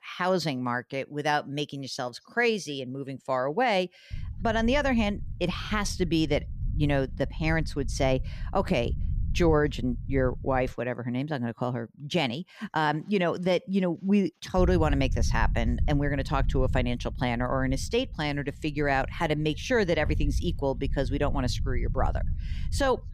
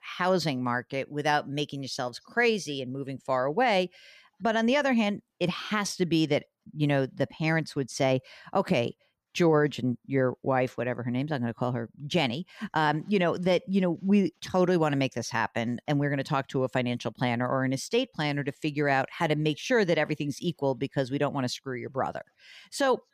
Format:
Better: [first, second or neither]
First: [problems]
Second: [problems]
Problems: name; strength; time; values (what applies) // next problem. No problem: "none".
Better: second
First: low rumble; faint; from 4 to 11 s and from 15 s on; 20 dB below the speech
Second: none